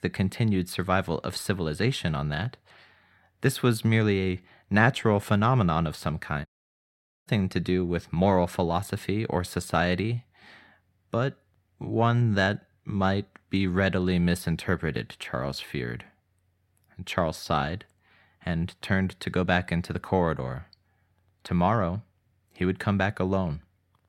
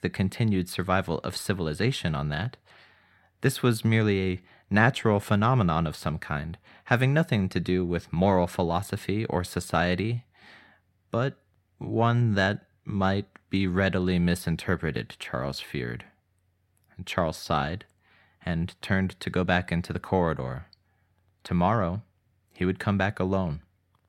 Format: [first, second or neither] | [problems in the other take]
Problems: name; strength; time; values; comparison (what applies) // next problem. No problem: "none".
second | audio cutting out; at 6.5 s for 1 s